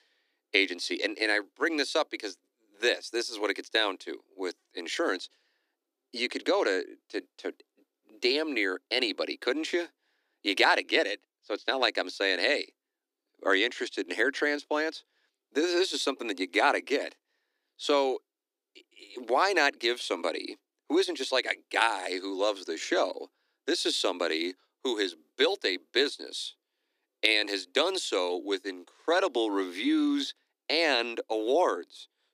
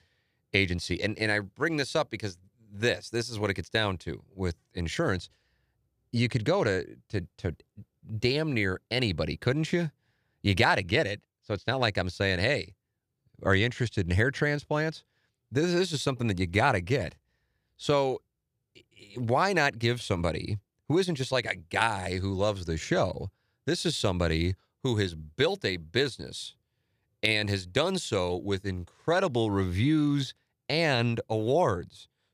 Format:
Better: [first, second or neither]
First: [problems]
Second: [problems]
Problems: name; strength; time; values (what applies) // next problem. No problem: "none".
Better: second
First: thin; somewhat; fading below 250 Hz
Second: none